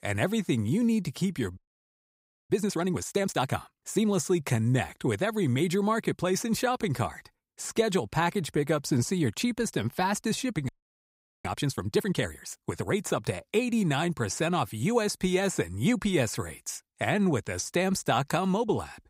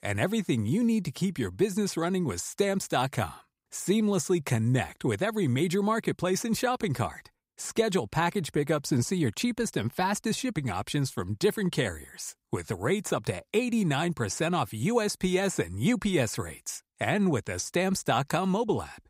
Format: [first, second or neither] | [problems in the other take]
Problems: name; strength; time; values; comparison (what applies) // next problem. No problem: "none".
second | audio freezing; at 1.5 s for 1 s and at 11 s for 1 s